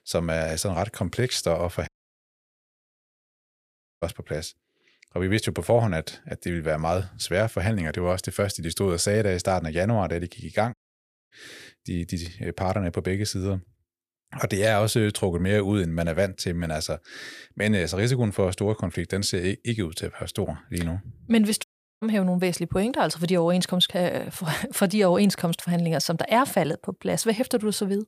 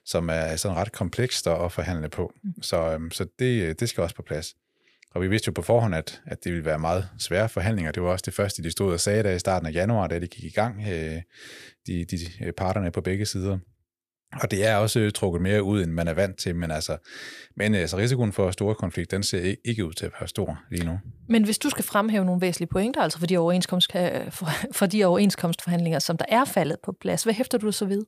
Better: second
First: audio cutting out; at 2 s for 2 s, at 11 s for 0.5 s and at 22 s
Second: none

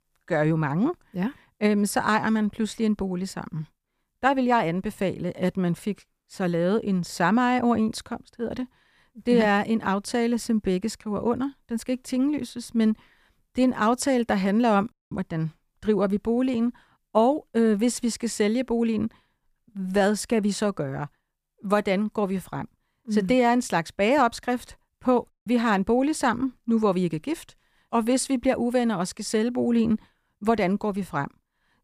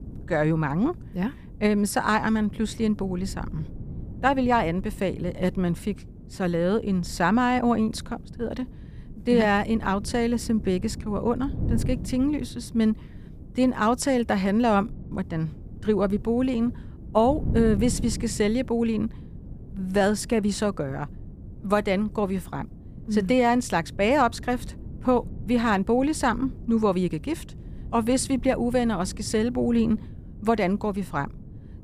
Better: first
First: none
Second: wind noise on the microphone; occasional gusts; 20 dB below the speech

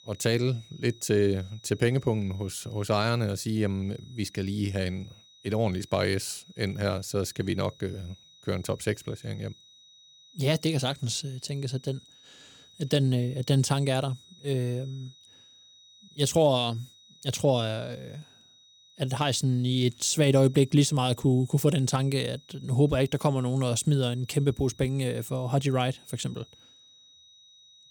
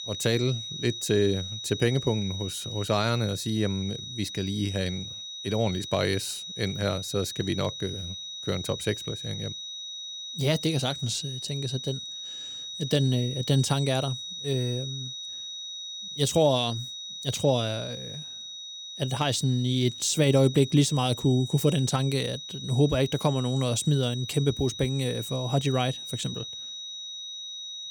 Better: first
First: high-pitched whine; faint; throughout; 4 kHz, 25 dB below the speech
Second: high-pitched whine; loud; throughout; 4 kHz, 8 dB below the speech

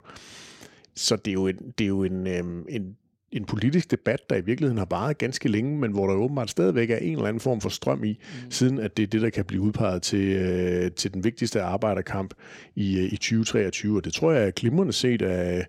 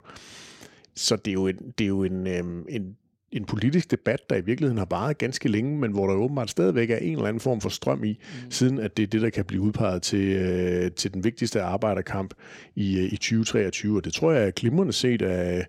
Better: neither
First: none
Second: none

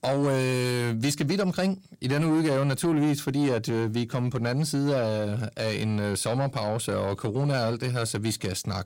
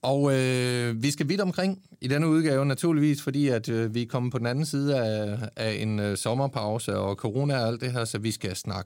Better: second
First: distortion; slight; 10 dB below the speech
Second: none

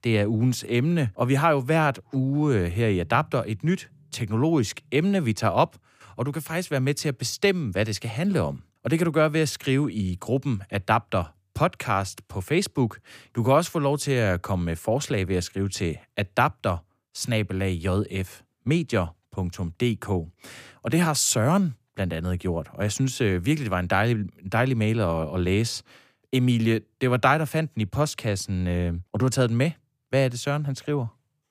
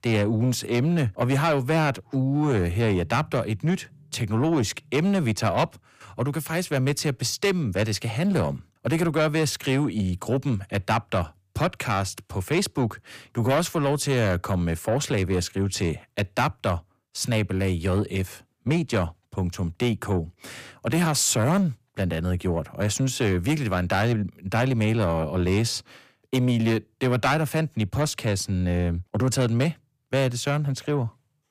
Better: first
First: none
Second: distortion; slight; 10 dB below the speech

